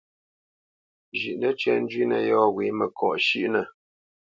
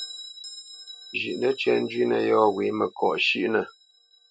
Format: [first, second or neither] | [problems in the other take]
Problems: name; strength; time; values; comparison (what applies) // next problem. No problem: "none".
first | background sound (Bell); 19 dB below the speech